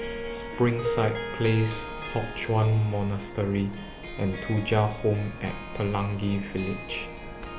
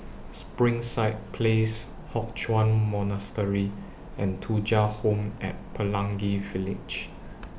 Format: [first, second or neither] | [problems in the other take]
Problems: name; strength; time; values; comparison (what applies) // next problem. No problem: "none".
second | background sound (Harp); 10 dB below the speech